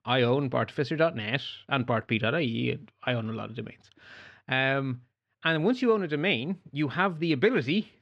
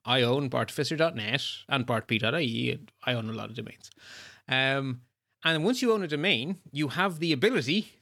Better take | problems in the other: second | muffled; slightly; fading above 2.5 kHz

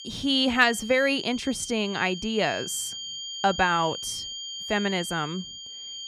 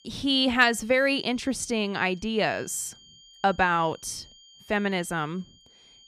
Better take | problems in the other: second | high-pitched whine; loud; throughout; 3 kHz, 9 dB below the speech; faint in the second

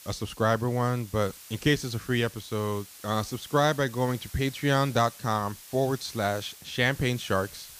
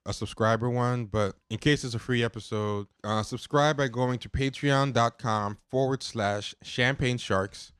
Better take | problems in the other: second | hiss; noticeable; throughout; 15 dB below the speech

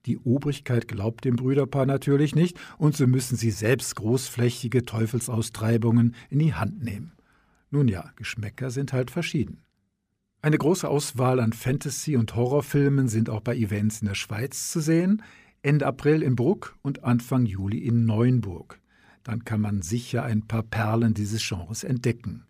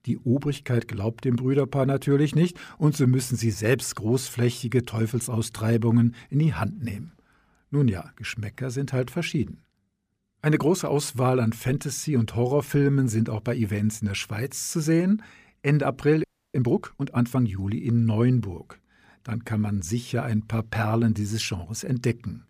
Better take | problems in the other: first | audio freezing; at 16 s

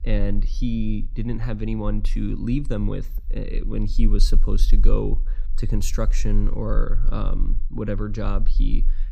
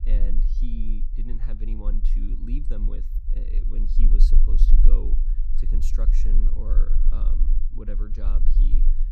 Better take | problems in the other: first | low rumble; loud; throughout; 5 dB below the speech; faint in the first

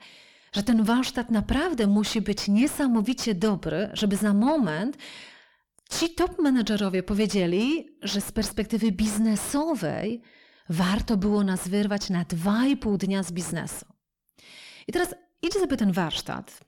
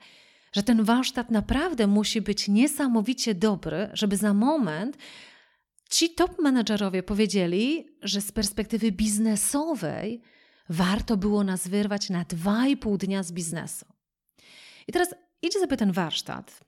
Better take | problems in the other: second | distortion; slight; 10 dB below the speech

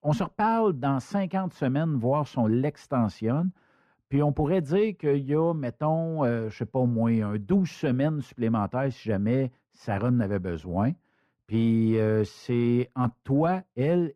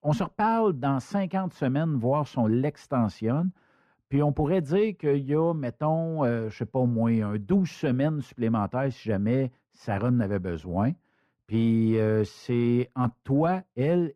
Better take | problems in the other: neither | muffled; very; fading above 2.5 kHz; the same in both

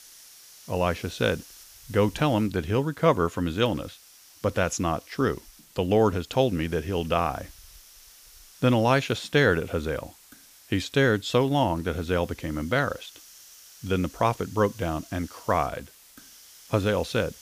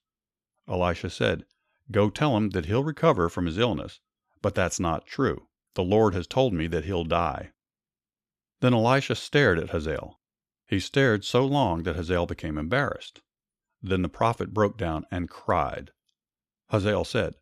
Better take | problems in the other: second | hiss; faint; throughout; 20 dB below the speech

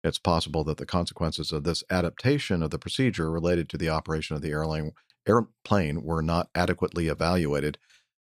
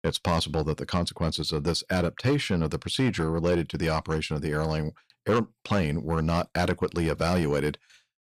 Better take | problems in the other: first | distortion; slight; 10 dB below the speech

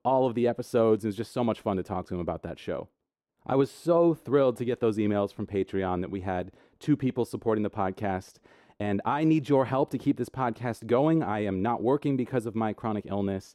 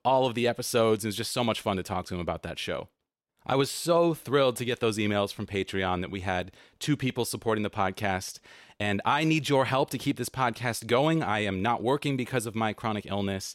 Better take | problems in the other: second | muffled; slightly; fading above 2 kHz

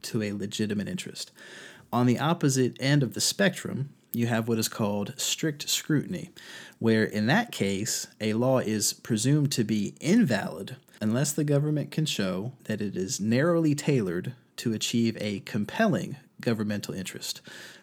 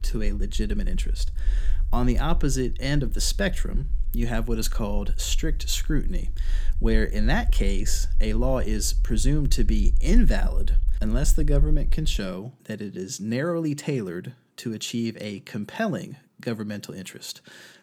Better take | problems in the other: first | low rumble; faint; until 12 s; 25 dB below the speech

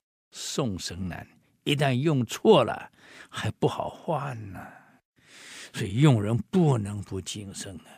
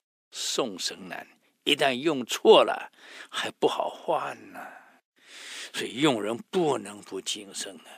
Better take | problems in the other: first | thin; somewhat; fading below 300 Hz

